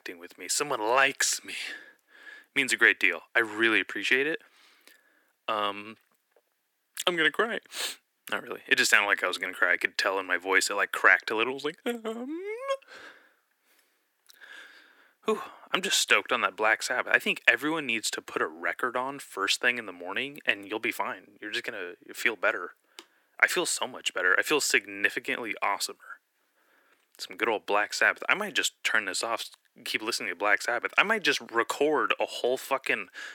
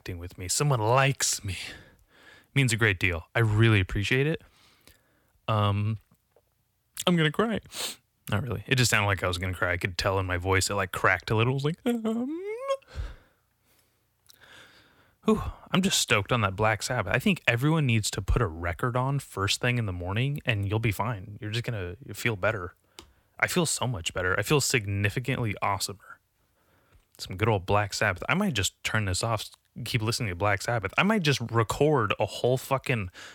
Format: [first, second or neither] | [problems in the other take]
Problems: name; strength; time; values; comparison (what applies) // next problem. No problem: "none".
second | thin; very; fading below 300 Hz